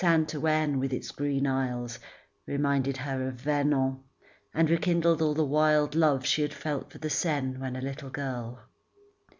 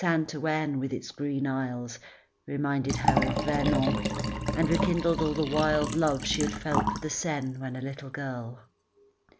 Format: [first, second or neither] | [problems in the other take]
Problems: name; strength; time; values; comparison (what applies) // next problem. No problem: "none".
first | background sound (Liquid); 3 dB below the speech